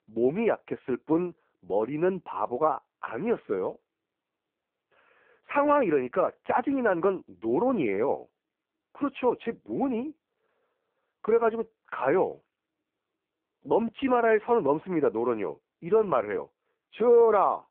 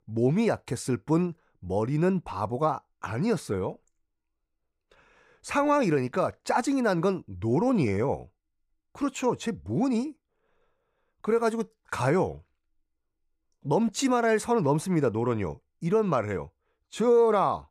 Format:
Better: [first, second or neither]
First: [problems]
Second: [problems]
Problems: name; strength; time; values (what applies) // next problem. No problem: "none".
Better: second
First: phone-call audio; poor line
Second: none